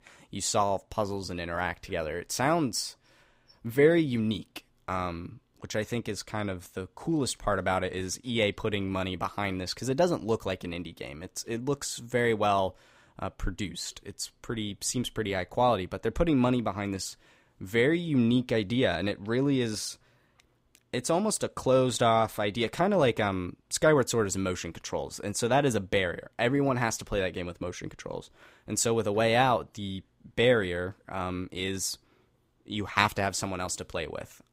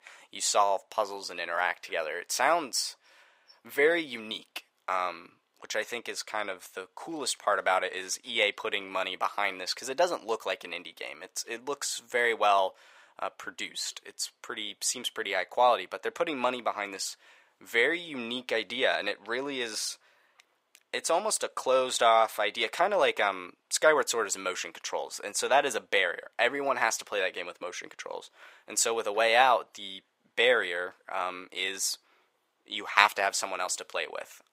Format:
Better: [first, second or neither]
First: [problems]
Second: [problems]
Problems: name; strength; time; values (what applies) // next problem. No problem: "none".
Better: first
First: none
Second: thin; very; fading below 650 Hz